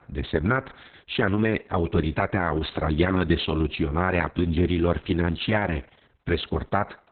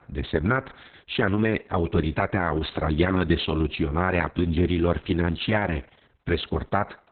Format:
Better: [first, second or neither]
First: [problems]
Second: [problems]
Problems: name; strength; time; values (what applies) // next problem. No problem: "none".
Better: neither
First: garbled, watery; badly; nothing above 4 kHz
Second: garbled, watery; badly; nothing above 4 kHz